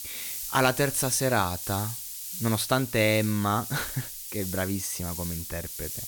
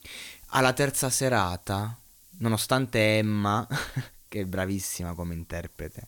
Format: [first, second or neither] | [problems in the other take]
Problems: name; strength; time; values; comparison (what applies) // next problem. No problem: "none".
second | hiss; loud; throughout; 7 dB below the speech; faint in the second